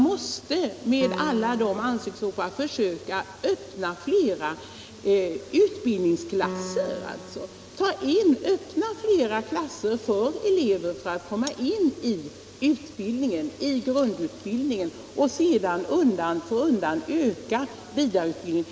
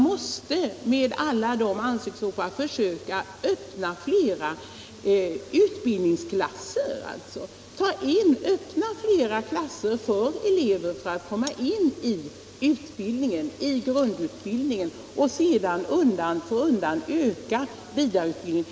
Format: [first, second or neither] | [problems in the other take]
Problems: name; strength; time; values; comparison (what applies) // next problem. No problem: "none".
second | background sound (Piano); 15 dB below the speech